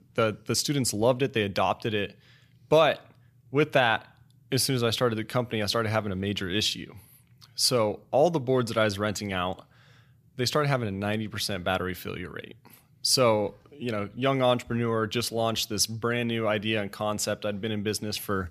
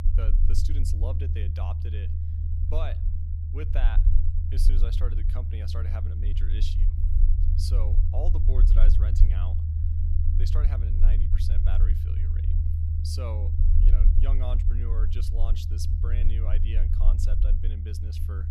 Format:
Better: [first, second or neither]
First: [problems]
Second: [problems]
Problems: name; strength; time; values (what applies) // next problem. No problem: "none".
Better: first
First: none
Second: low rumble; loud; throughout; 2 dB below the speech